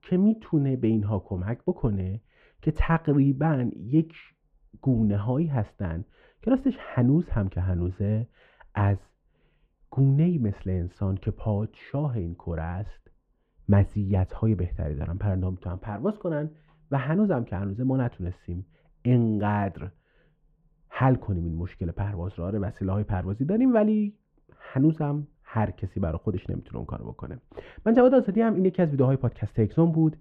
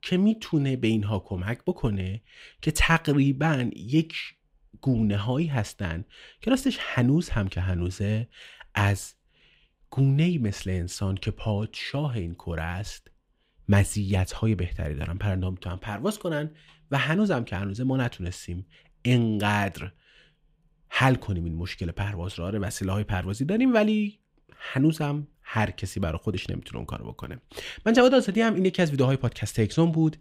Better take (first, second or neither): second